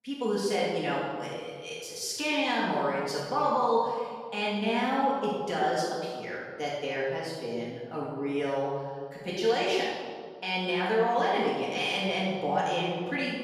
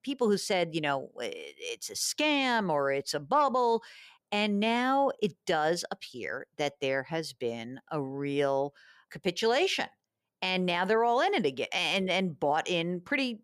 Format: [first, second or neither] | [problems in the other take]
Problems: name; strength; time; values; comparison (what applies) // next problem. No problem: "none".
second | room echo; strong; dies away in 1.6 s // off-mic speech; far